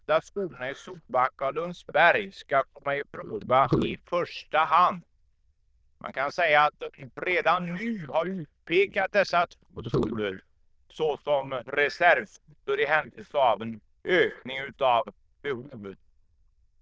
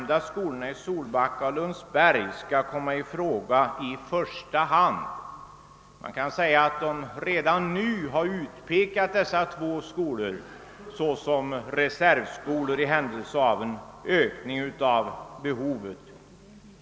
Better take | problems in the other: second | noise reduction (neural diffusion model UNIVERSE++)

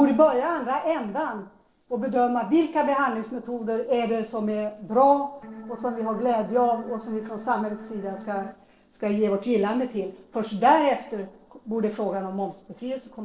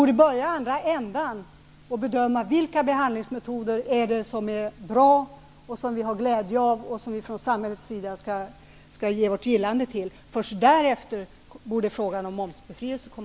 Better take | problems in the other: second | noise reduction (neural separator model SepFormer DNS4)

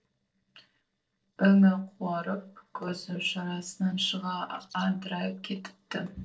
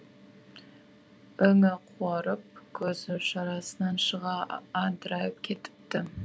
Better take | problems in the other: second | noise reduction (neural separator model SepFormer DNS4)

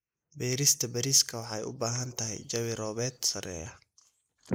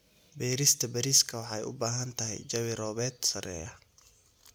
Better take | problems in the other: second | noise reduction (neural mask model Resemble Enhance denoiser)

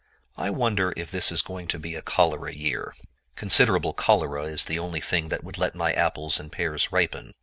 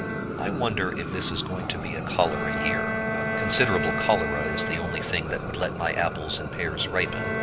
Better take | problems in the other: first | background sound (Fire + Bowed string instrument); 1 dB below the speech

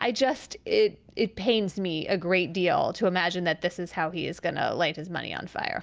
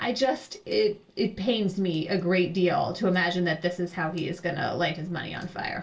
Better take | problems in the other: first | noise reduction (neural separator model SepFormer DNS4)

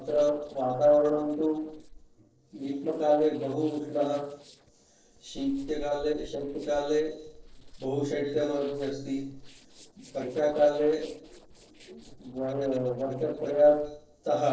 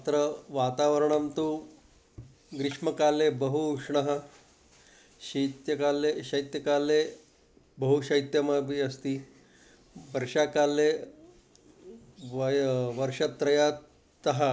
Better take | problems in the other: second | noise reduction (neural separator model SepFormer DNS4)

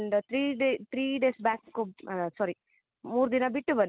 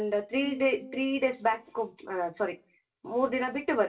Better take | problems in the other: first | background sound (Piano); 15 dB below the speech // room echo; dies away in 0.2 s

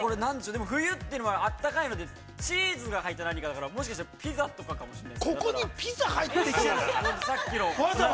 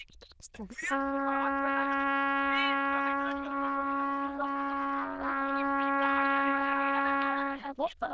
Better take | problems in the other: first | noise reduction (neural diffusion model UNIVERSE++)

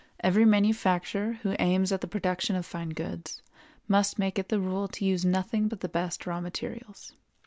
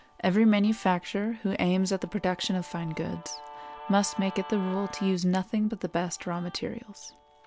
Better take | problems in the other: first | background sound (Guitar); 18 dB below the speech

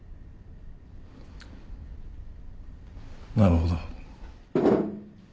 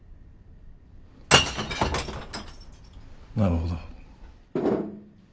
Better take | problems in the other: first | background sound (Shatter / Crushing); 4 dB above the speech

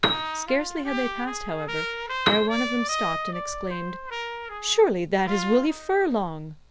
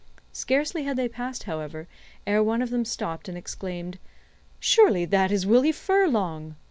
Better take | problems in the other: second | background sound (Piano + Trumpet); 4 dB below the speech

